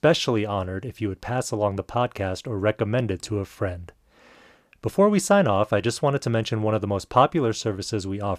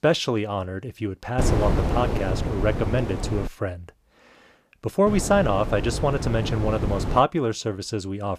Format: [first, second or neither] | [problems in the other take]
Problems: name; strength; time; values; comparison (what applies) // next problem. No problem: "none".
first | wind noise on the microphone; heavy; from 1.5 to 3.5 s and from 5 to 7 s; 8 dB below the speech